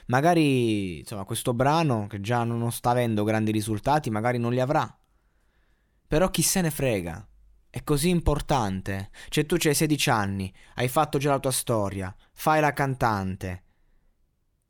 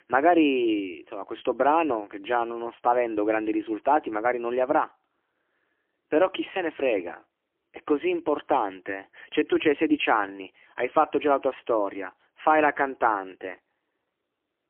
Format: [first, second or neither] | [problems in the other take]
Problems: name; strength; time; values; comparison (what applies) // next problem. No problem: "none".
first | phone-call audio; poor line; nothing above 3 kHz